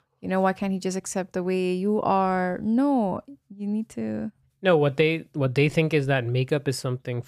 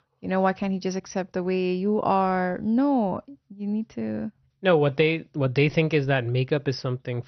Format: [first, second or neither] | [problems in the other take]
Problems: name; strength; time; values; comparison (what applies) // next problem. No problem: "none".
first | garbled, watery; slightly; nothing above 6 kHz